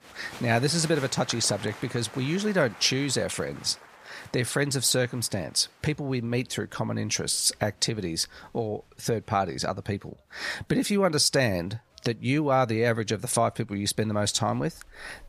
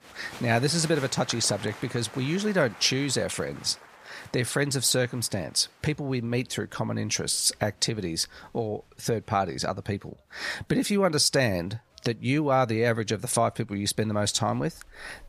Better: neither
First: crowd noise; noticeable; throughout; 20 dB below the speech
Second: crowd noise; noticeable; throughout; 20 dB below the speech

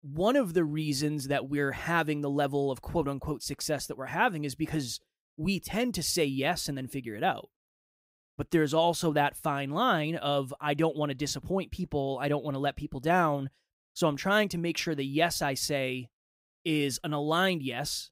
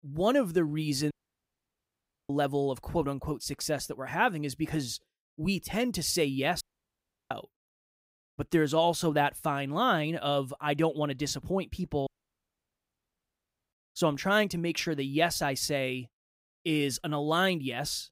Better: first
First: none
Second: audio cutting out; at 1 s for 1 s, at 6.5 s for 0.5 s and at 12 s for 1.5 s

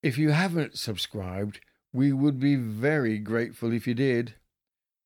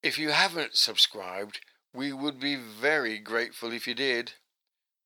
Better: first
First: none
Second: thin; very; fading below 550 Hz

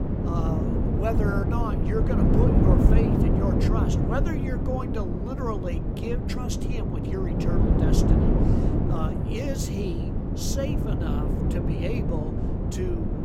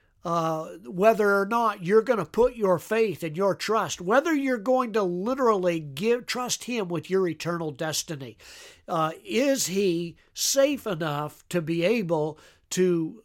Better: second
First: wind noise on the microphone; heavy; 2 dB above the speech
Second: none

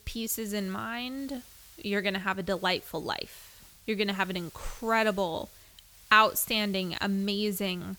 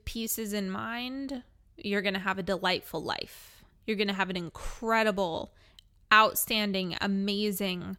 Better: second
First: hiss; faint; throughout; 25 dB below the speech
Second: none

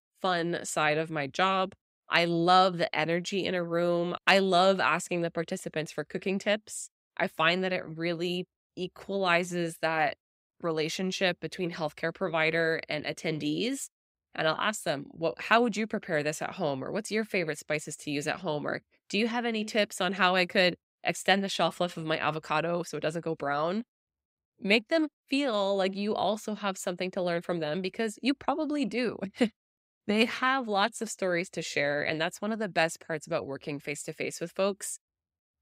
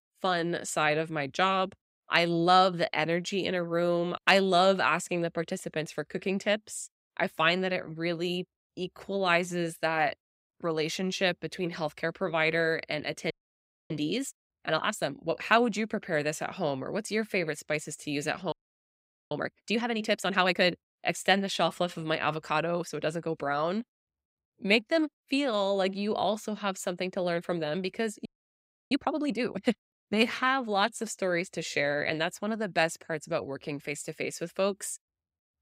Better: first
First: none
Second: audio freezing; at 13 s for 0.5 s, at 19 s for 1 s and at 28 s for 0.5 s

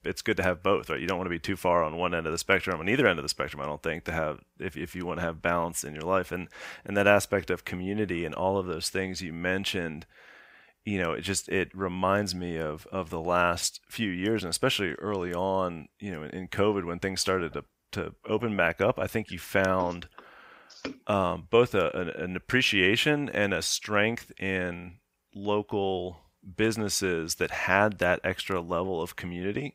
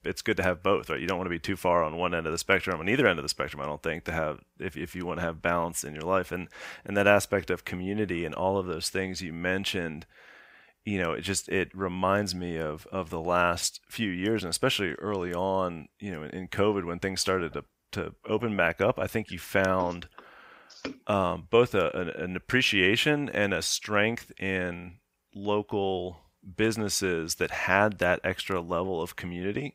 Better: neither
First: none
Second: none

